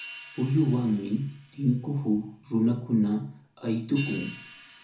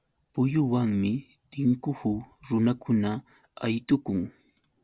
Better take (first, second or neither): second